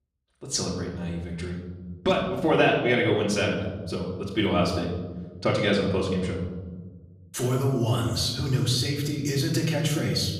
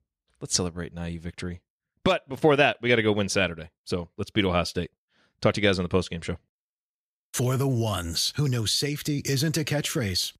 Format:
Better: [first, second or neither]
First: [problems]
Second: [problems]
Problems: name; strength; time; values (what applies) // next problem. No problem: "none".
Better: second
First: off-mic speech; far // room echo; noticeable; dies away in 1.4 s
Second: none